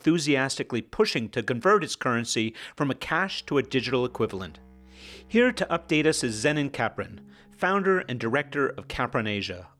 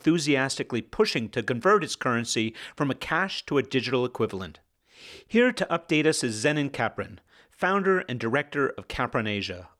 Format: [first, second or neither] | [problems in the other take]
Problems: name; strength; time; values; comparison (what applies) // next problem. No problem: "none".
second | background music; faint; from 3.5 s on; 25 dB below the speech